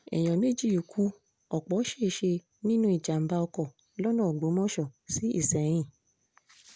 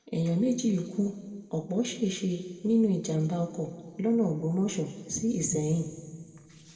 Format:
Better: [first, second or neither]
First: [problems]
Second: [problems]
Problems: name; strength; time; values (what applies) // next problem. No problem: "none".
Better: first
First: none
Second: room echo; dies away in 1.9 s